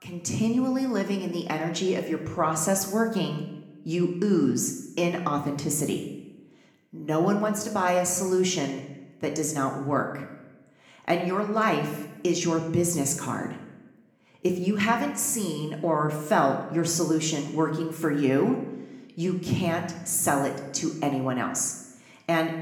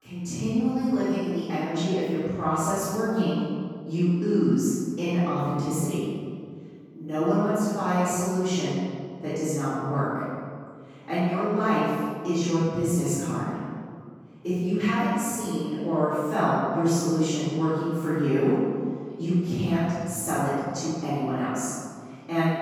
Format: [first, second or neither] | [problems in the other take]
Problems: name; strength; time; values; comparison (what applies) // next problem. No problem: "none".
first | room echo; strong; dies away in 2 s; slight in the first // off-mic speech; far